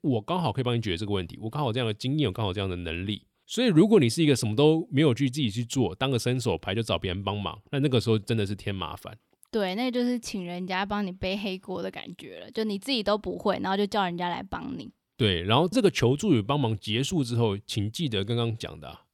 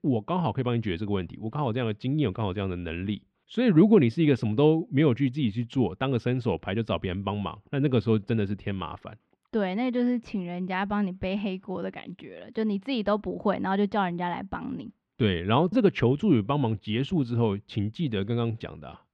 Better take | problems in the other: first | muffled; slightly; fading above 2 kHz

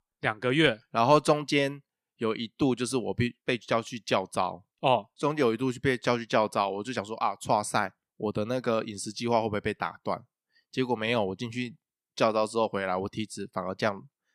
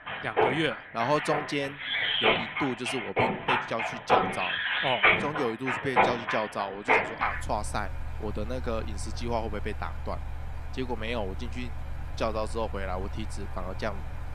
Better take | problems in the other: first | machinery noise; very loud; throughout; 4 dB above the speech

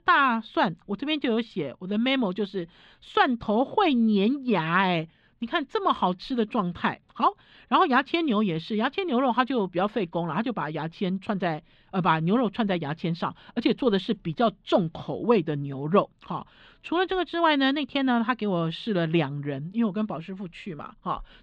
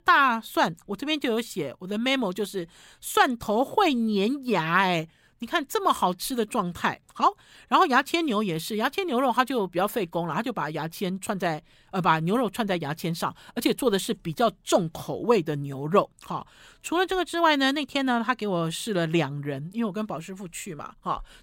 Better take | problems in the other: second | muffled; slightly; fading above 3.5 kHz

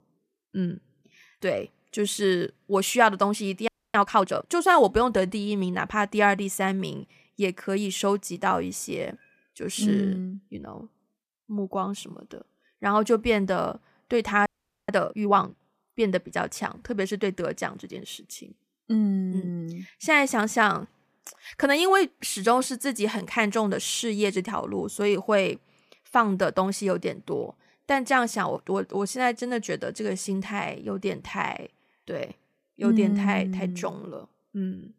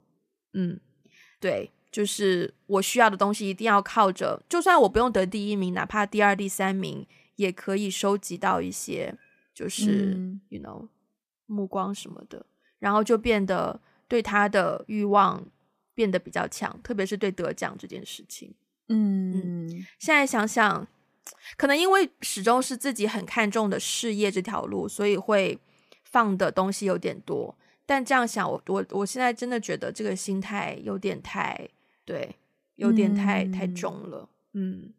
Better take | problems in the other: second | audio freezing; at 3.5 s and at 14 s

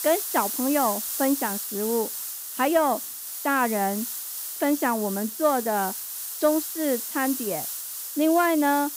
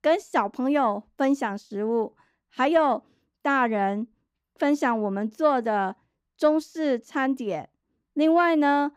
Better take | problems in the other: second | hiss; loud; throughout; 5 dB below the speech

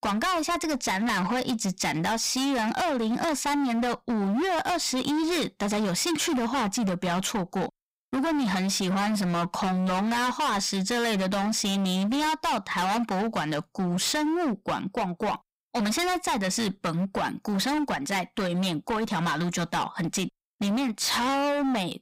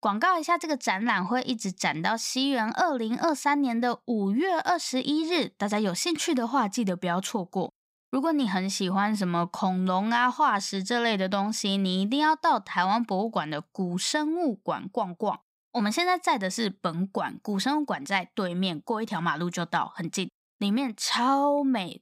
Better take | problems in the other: second | distortion; heavy; 36% of the sound clipped

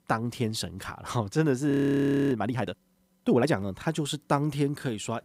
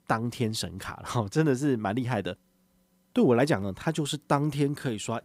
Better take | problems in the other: second | audio freezing; at 1.5 s for 0.5 s

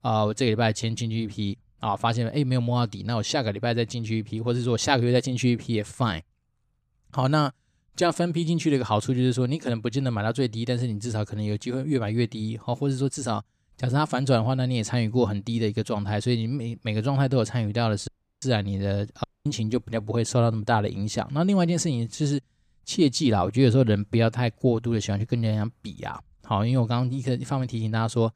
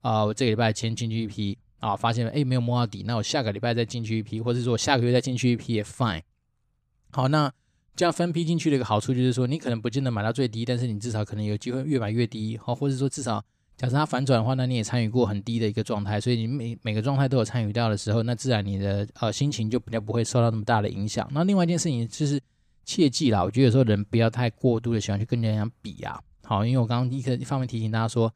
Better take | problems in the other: second | audio cutting out; at 18 s and at 19 s

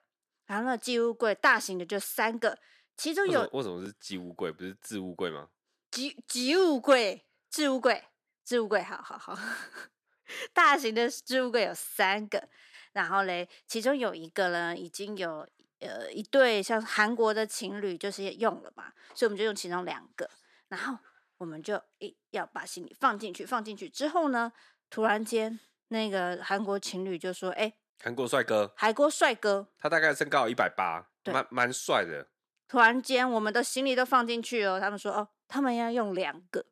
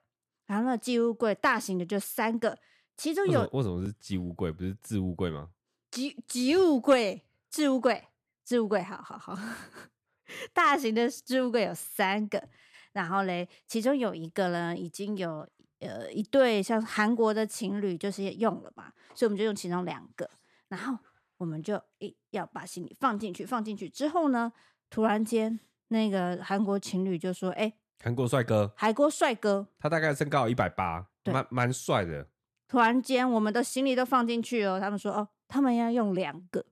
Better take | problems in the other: second | thin; very slightly; fading below 300 Hz

